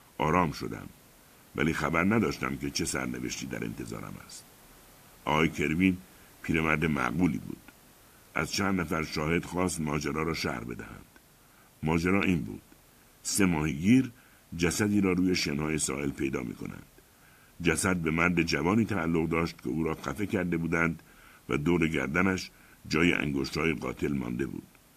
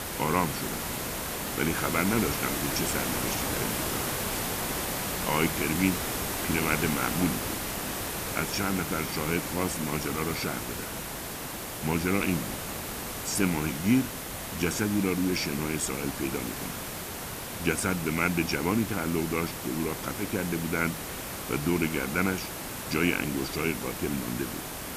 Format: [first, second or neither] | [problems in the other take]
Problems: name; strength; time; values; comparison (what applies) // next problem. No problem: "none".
first | hiss; loud; throughout; 3 dB below the speech; faint in the first